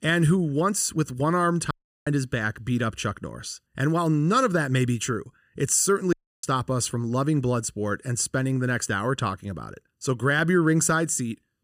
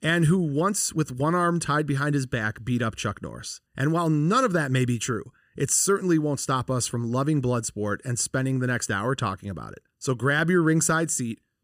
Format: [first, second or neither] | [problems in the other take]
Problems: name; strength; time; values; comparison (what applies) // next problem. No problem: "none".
second | audio cutting out; at 1.5 s and at 6 s